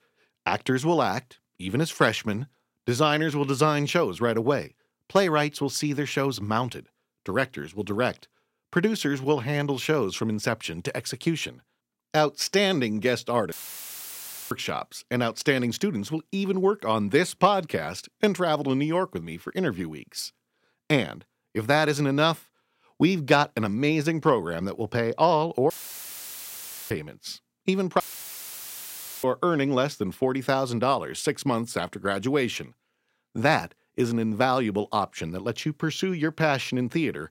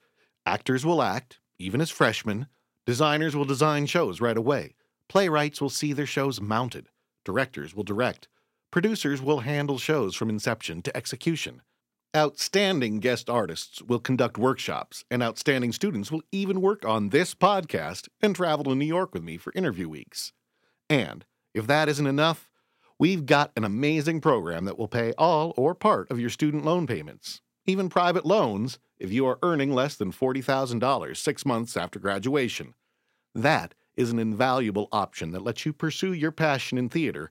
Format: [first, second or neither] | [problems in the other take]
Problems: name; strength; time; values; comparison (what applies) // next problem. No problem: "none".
second | audio cutting out; filled with static; at 14 s for 1 s, at 26 s for 1 s and at 28 s for 1 s